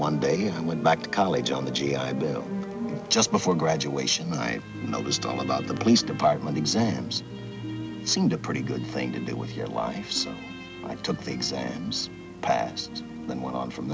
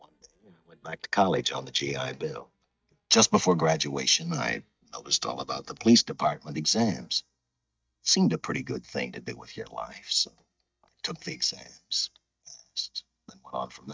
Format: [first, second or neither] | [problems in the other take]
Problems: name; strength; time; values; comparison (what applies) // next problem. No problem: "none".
first | noise reduction (neural mask model DeepFilterNet 3)